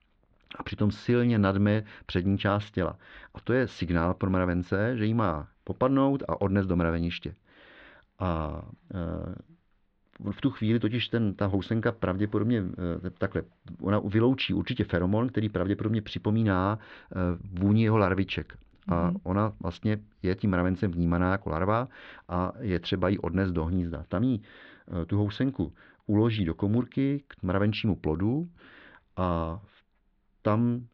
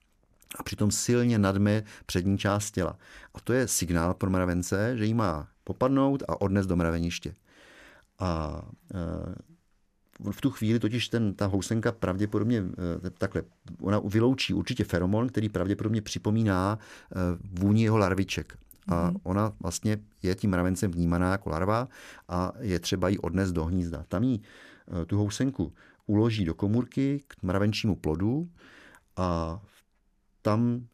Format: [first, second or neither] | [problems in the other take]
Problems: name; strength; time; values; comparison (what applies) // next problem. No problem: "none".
second | muffled; very; fading above 4 kHz